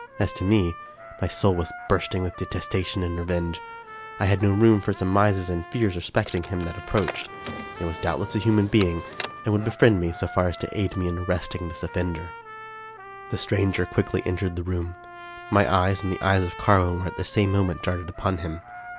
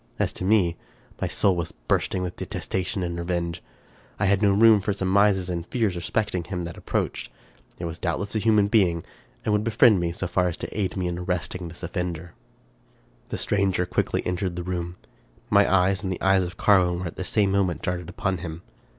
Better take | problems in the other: second | background sound (Trumpet + Car); 14 dB below the speech

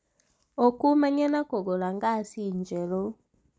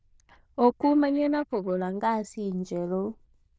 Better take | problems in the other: first | noise reduction (neural diffusion model UNIVERSE++)

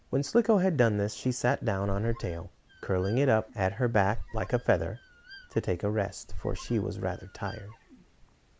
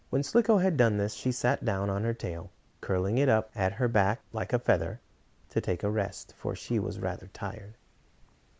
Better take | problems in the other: second | background sound (Squeak); 10 dB below the speech

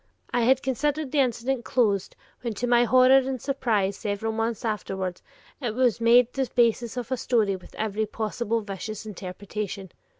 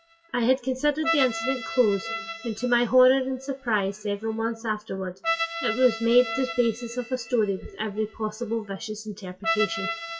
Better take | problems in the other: first | noise reduction (classical method WPE with log-MMSE)

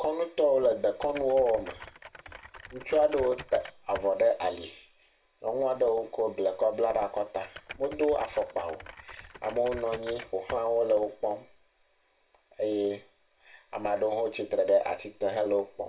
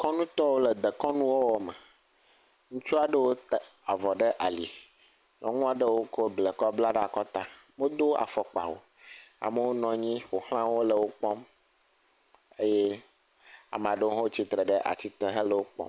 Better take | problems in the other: second | background sound (Typing); 17 dB below the speech // room echo; dies away in 0.2 s

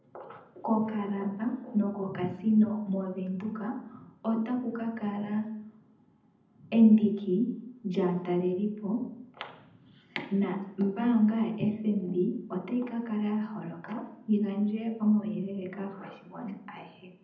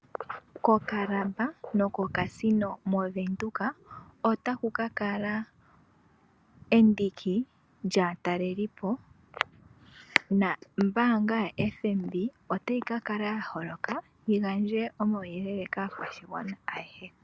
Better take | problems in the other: second | room echo; dies away in 0.8 s

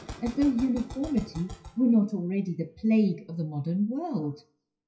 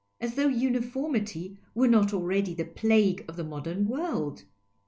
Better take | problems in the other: second | noise reduction (classical method WPE with log-MMSE)

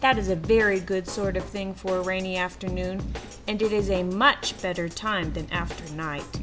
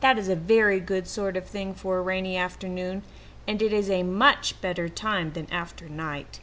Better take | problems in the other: second | background sound (Drum kit); 10 dB below the speech

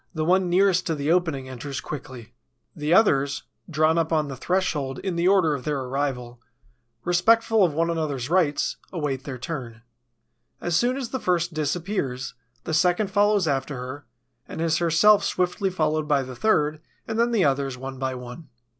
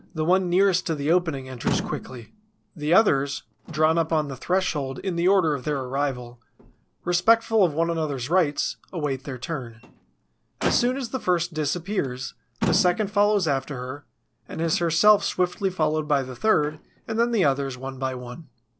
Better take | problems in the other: first | background sound (Motor vehicle (road)); 14 dB below the speech

